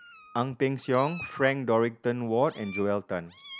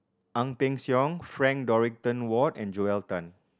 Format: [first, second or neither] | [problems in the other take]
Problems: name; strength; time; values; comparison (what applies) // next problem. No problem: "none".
second | background sound (Meow); 18 dB below the speech